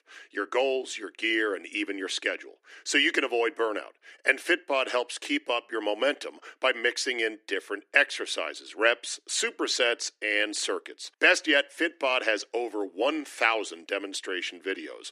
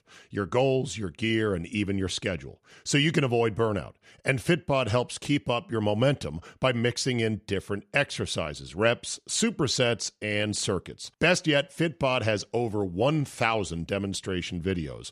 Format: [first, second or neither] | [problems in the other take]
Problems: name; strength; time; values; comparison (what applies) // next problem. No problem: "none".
second | thin; somewhat; fading below 300 Hz